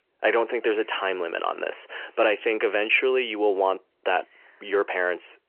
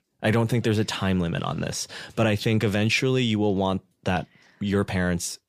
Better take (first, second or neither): second